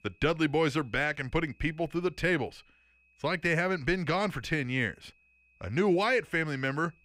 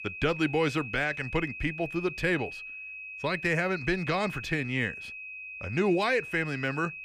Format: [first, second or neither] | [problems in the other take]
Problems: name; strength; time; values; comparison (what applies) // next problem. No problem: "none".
first | high-pitched whine; loud; throughout; 2.5 kHz, 9 dB below the speech; faint in the first